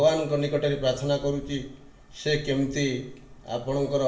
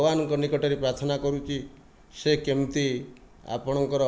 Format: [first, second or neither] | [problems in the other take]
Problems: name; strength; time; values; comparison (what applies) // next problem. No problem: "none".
second | room echo; dies away in 0.7 s